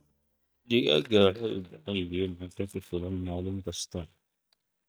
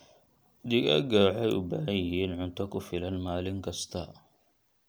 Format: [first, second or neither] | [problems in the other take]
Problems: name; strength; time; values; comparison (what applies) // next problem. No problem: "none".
second | noise reduction (neural mask model DeepFilterNet 3)